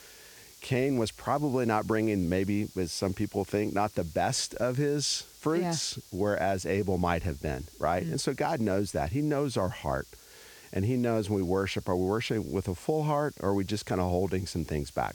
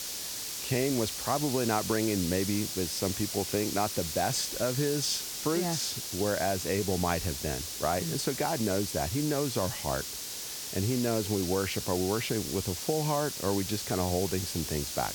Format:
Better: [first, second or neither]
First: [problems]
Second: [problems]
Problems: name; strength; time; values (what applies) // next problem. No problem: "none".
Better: first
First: hiss; faint; throughout; 20 dB below the speech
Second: hiss; loud; throughout; 3 dB below the speech